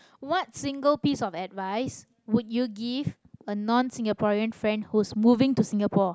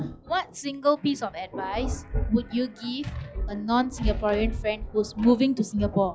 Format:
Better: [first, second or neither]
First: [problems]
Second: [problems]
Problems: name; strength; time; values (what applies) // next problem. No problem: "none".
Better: first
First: none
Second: noise reduction (classical method log-MMSE)